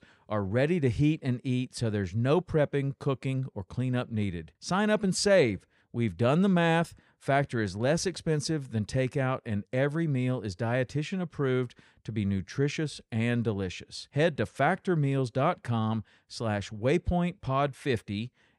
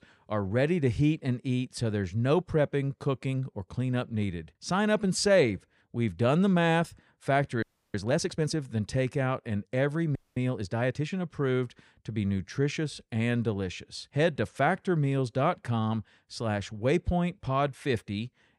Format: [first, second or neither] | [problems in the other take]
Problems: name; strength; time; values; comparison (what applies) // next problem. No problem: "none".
first | audio freezing; at 7.5 s and at 10 s